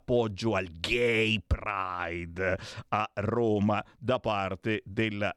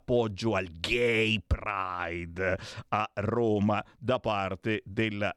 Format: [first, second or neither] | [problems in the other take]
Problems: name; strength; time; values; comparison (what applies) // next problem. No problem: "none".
neither | none